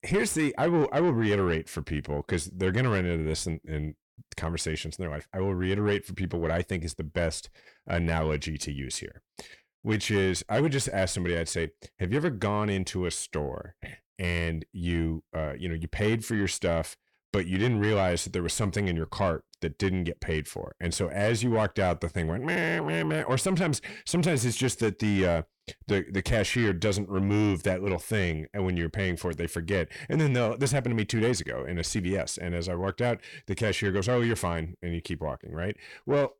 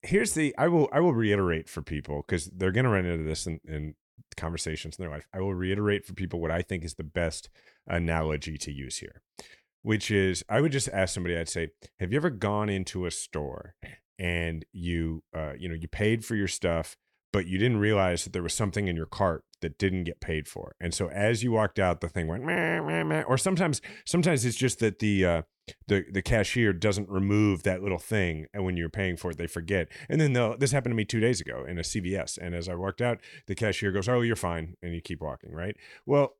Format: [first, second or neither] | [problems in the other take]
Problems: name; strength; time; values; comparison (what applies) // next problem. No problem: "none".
second | distortion; slight; 10 dB below the speech